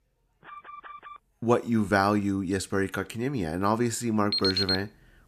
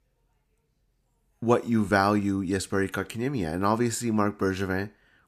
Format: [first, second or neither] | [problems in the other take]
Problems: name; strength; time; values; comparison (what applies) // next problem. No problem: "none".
second | alarm; faint; at 0.5 s; peak 15 dB below the speech // alarm; loud; at 4.5 s; peak 2 dB above the speech